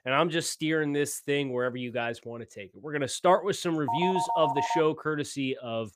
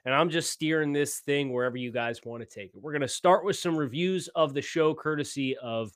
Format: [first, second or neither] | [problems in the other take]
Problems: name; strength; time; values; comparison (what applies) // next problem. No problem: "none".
second | phone ringing; noticeable; at 4 s; peak level with the speech